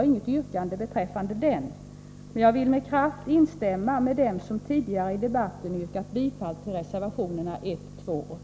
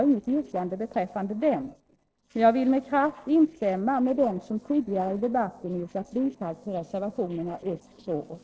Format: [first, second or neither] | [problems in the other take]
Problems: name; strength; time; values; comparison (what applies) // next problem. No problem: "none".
first | noise reduction (neural separator model SepFormer DNS4)